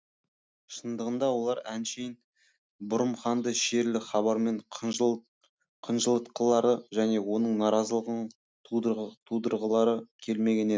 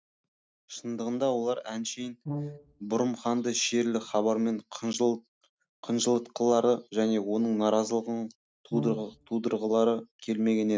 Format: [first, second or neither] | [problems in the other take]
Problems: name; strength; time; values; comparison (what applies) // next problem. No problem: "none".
first | noise reduction (neural mask model RNNoise)